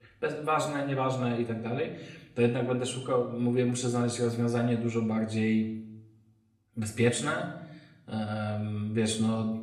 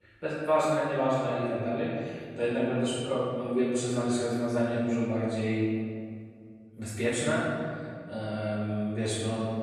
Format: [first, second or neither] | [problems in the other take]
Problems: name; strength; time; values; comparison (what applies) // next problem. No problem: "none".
first | room echo; strong; dies away in 2 s; slight in the first // off-mic speech; far; somewhat distant in the first